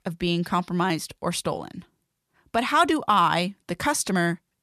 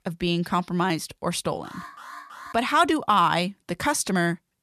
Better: first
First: none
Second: alarm; faint; at 1.5 s; peak 15 dB below the speech

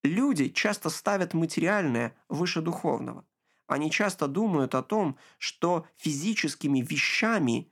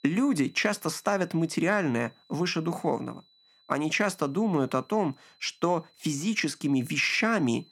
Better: first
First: none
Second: high-pitched whine; faint; throughout; 4 kHz, 30 dB below the speech

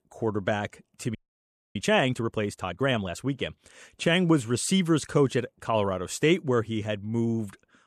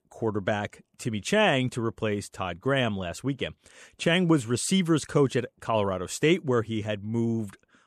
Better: second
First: audio freezing; at 1 s for 0.5 s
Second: none

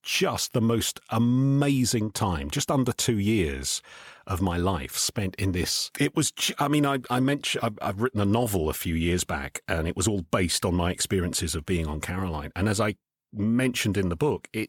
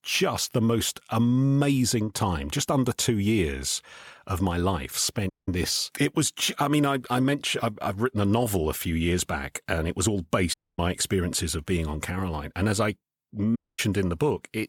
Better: first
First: none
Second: audio cutting out; at 5.5 s, at 11 s and at 14 s

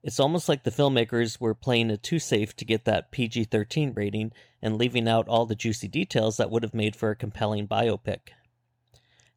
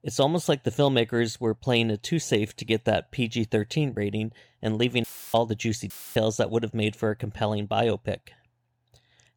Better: first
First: none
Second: audio cutting out; filled with static; at 5 s and at 6 s

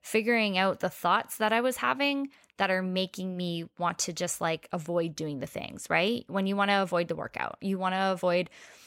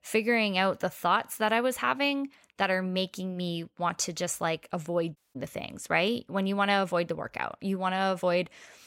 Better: first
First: none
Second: audio cutting out; at 5 s

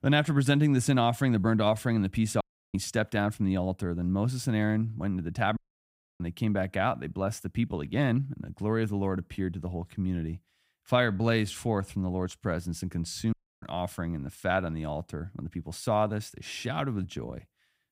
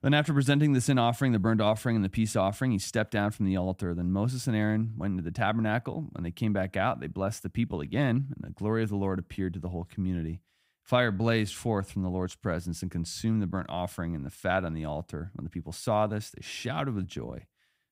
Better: second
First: audio cutting out; at 2.5 s, at 5.5 s for 0.5 s and at 13 s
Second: none

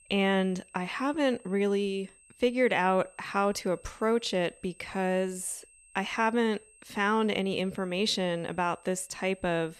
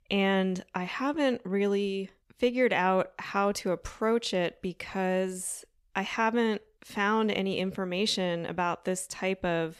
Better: second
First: high-pitched whine; faint; throughout; 8.5 kHz, 25 dB below the speech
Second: none

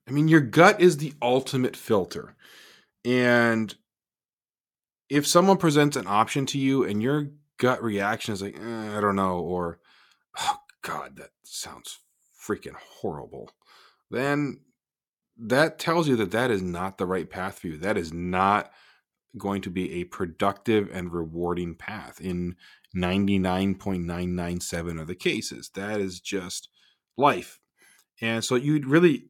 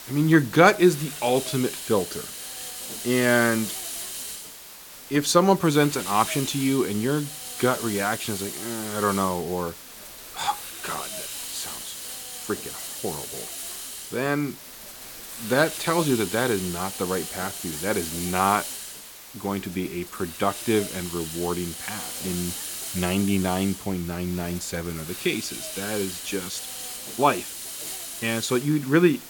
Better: first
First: none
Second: hiss; loud; throughout; 8 dB below the speech

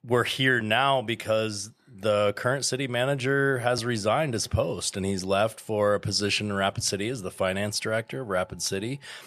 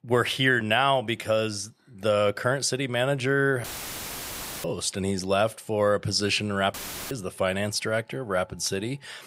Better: first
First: none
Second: audio cutting out; filled with static; at 3.5 s for 1 s and at 6.5 s

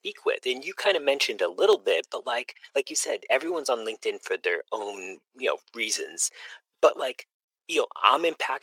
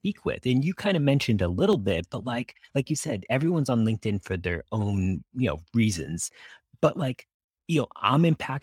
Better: second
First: thin; very; fading below 400 Hz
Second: none

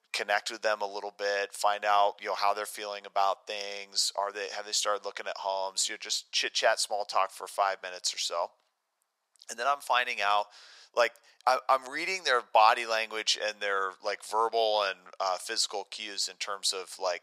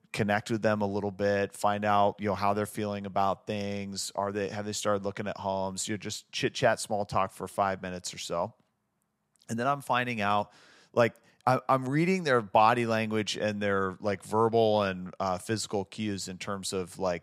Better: second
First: thin; very; fading below 600 Hz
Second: none

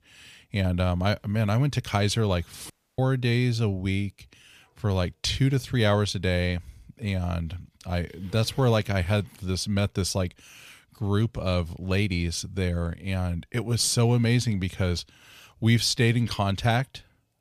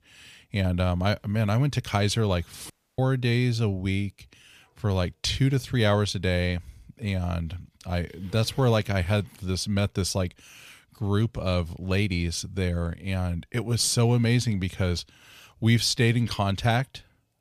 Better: neither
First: audio cutting out; at 2.5 s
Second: audio cutting out; at 2.5 s

